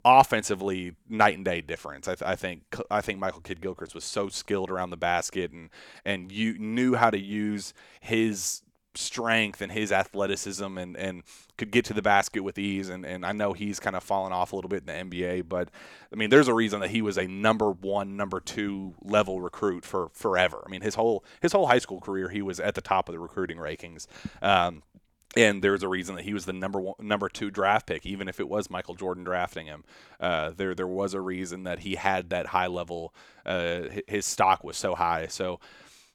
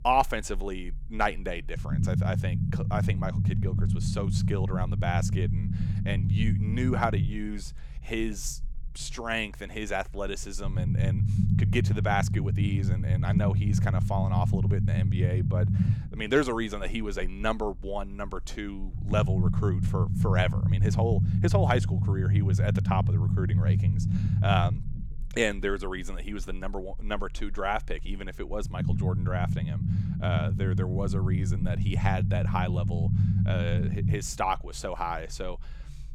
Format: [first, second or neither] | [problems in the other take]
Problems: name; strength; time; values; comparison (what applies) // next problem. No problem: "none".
first | low rumble; loud; throughout; 6 dB below the speech